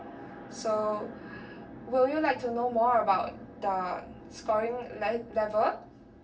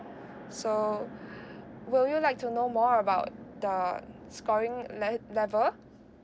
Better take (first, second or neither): second